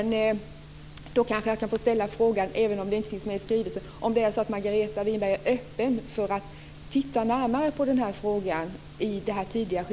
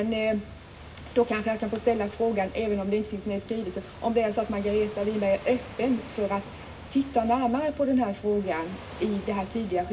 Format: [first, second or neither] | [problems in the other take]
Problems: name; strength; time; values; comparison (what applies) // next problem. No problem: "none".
first | background sound (Waves, surf); 19 dB below the speech // room echo; dies away in 0.4 s